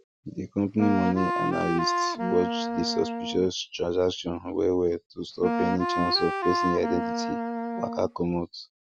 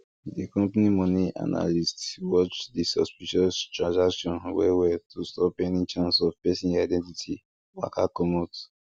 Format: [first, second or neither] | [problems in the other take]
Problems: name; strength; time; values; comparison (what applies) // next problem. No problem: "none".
second | background sound (Wind instrument, woodwind instrument); 1 dB below the speech